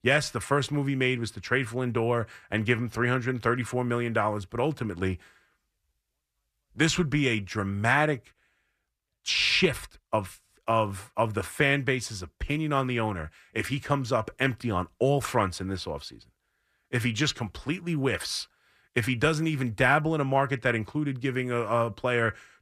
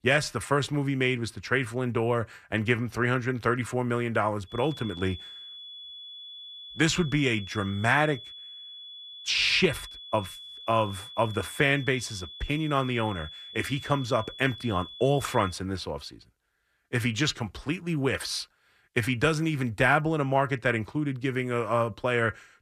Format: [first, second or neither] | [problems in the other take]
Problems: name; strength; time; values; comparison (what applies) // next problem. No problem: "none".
first | high-pitched whine; noticeable; from 4.5 to 16 s; 3.5 kHz, 15 dB below the speech